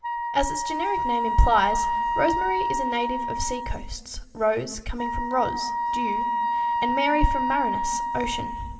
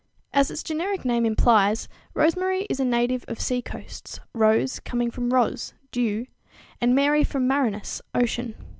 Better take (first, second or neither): second